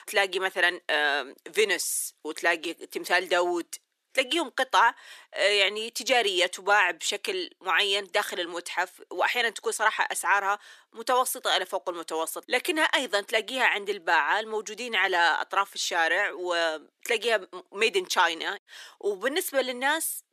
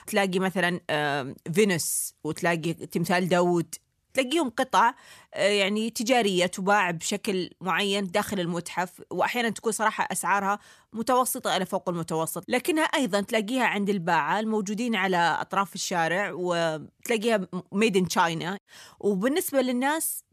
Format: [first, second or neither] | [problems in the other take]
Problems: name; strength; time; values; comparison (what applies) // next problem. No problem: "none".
second | thin; very; fading below 300 Hz